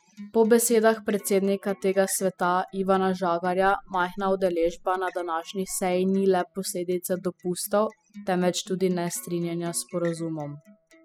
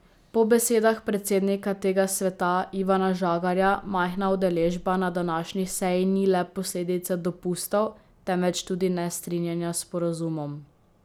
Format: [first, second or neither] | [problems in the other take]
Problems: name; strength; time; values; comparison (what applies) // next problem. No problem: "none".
second | noise reduction (classical method spectral subtraction)